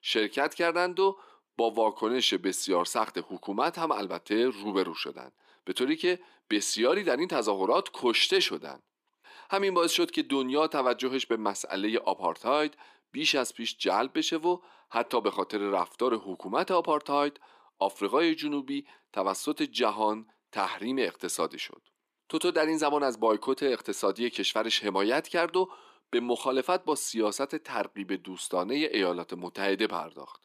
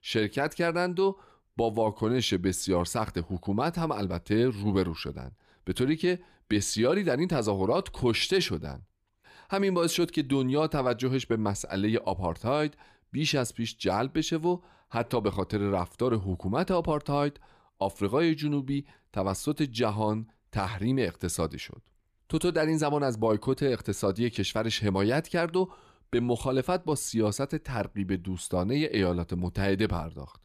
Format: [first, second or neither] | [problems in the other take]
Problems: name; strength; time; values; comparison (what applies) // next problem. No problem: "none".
second | thin; somewhat; fading below 250 Hz